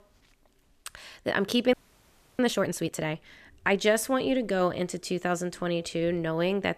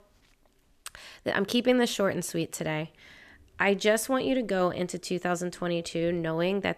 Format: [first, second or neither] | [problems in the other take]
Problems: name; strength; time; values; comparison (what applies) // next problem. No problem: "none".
second | audio freezing; at 1.5 s for 0.5 s